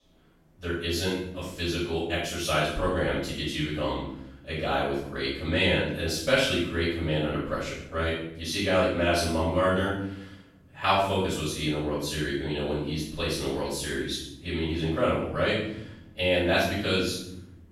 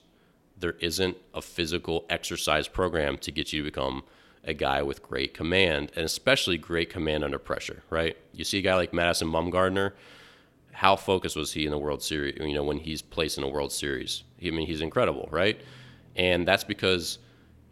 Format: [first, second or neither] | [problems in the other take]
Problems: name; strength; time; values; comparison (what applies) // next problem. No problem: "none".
second | off-mic speech; far // room echo; strong; dies away in 0.8 s